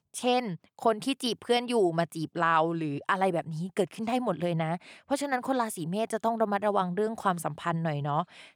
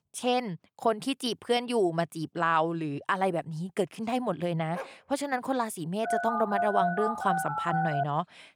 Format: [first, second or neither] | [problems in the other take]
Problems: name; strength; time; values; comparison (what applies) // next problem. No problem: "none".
first | dog barking; faint; at 4.5 s; peak 10 dB below the speech // phone ringing; loud; from 6 to 8 s; peak 1 dB above the speech